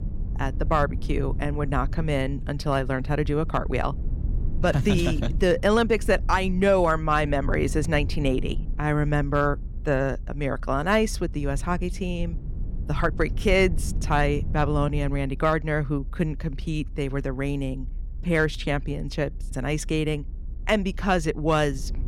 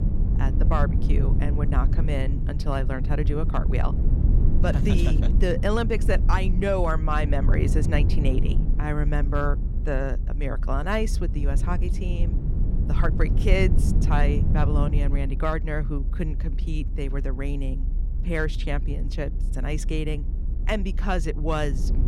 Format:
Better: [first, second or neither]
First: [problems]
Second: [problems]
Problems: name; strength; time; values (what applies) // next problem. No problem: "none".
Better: first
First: low rumble; faint; throughout; 20 dB below the speech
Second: low rumble; loud; throughout; 10 dB below the speech